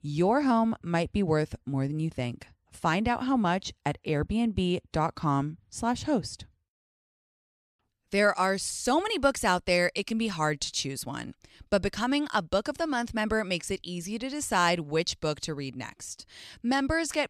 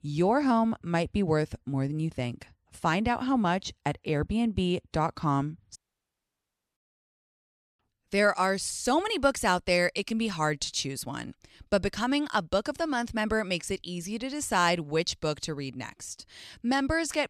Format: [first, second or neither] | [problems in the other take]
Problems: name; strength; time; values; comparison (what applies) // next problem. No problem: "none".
first | audio cutting out; at 6 s for 1 s